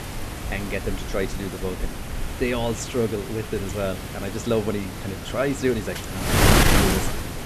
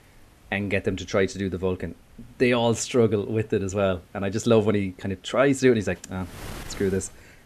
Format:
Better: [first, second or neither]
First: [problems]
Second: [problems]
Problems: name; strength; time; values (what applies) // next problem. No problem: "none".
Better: second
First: wind noise on the microphone; heavy; 1 dB above the speech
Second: wind noise on the microphone; occasional gusts; 25 dB below the speech